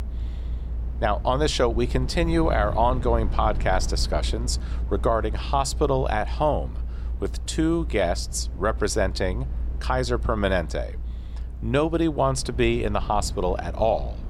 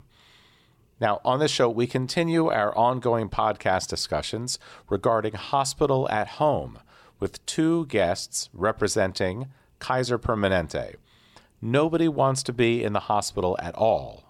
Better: second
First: low rumble; faint; throughout; 20 dB below the speech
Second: none

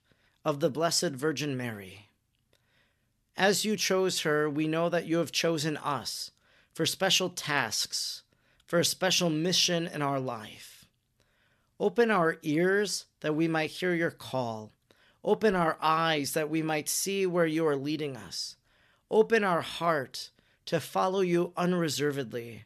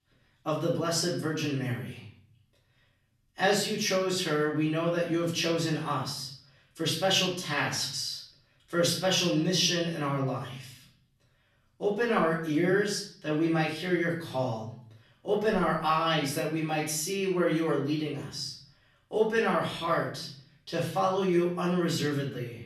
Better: first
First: none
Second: room echo; noticeable; dies away in 0.6 s // off-mic speech; far

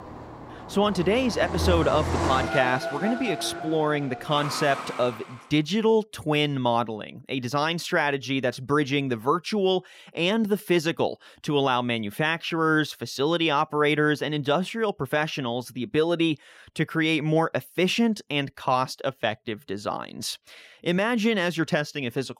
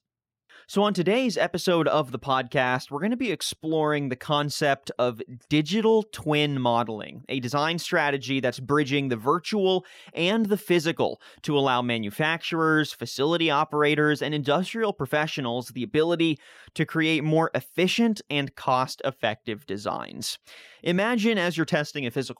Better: second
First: traffic noise; loud; until 5 s; 6 dB below the speech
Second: none

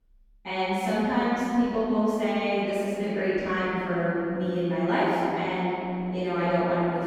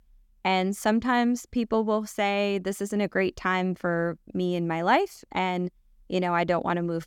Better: second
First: off-mic speech; far // room echo; strong; dies away in 2.9 s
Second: none

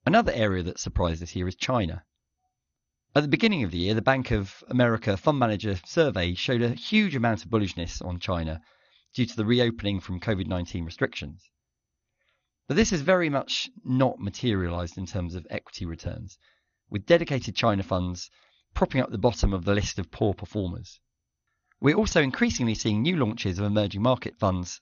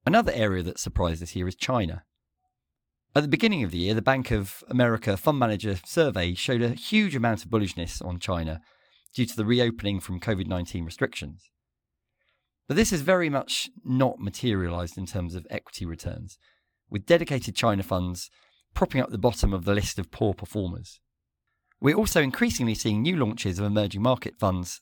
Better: second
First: garbled, watery; slightly; nothing above 6.5 kHz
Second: none

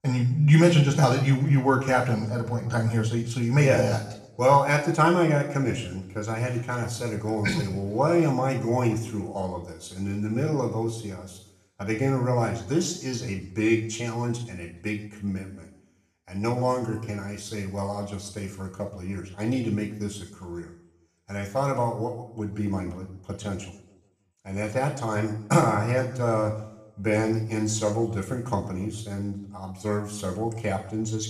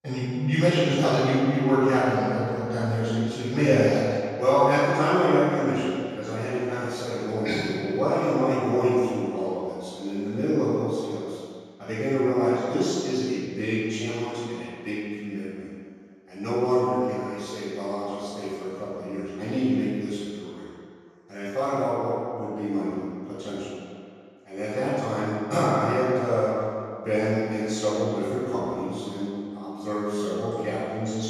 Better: first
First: room echo; slight; dies away in 0.6 s // off-mic speech; somewhat distant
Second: room echo; strong; dies away in 2.2 s // off-mic speech; far

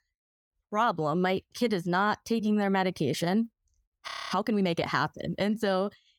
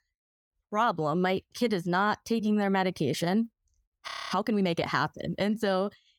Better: neither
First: audio freezing; at 4 s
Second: audio freezing; at 4 s

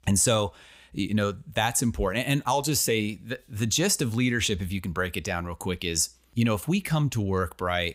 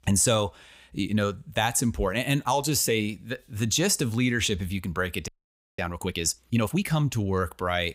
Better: first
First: none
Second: audio freezing; at 5.5 s for 0.5 s

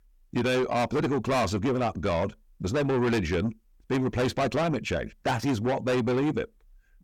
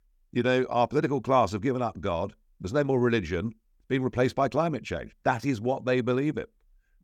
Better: second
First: distortion; heavy; 6 dB below the speech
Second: none

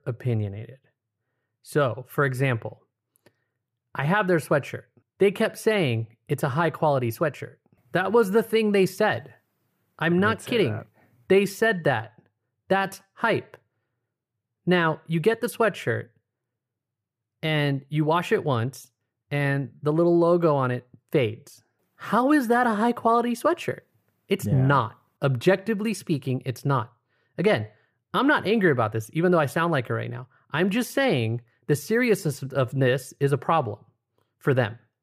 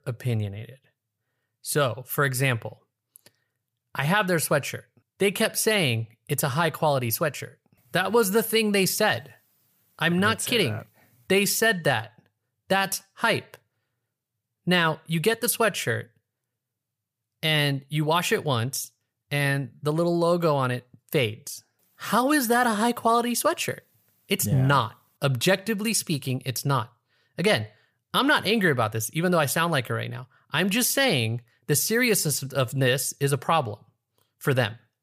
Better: second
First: muffled; slightly; fading above 3 kHz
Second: none

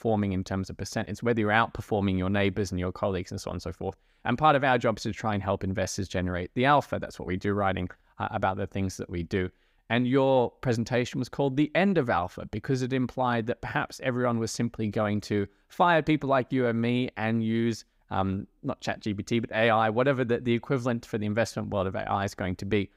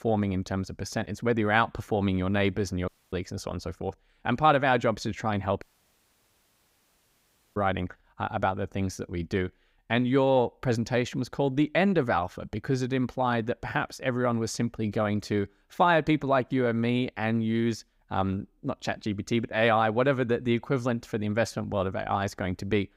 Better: first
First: none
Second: audio cutting out; at 3 s and at 5.5 s for 2 s

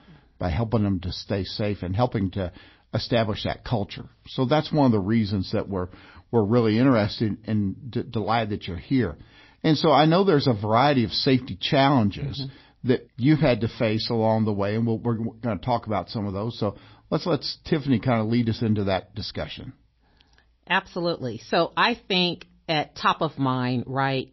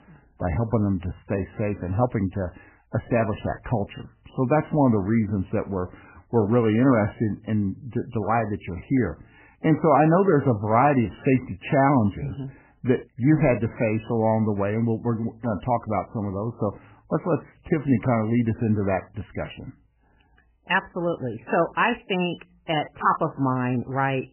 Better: first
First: garbled, watery; slightly; nothing above 5.5 kHz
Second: garbled, watery; badly; nothing above 3 kHz

